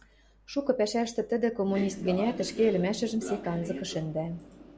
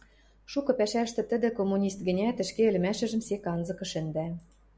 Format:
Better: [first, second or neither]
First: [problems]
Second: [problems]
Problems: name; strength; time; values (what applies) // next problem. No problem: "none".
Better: second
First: background sound (Train); 10 dB below the speech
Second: none